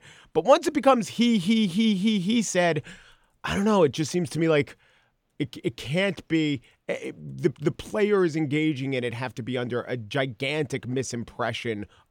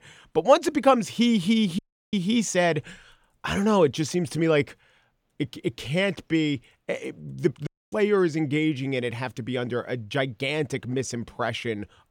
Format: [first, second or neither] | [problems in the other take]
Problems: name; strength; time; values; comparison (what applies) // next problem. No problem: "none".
first | audio cutting out; at 2 s and at 7.5 s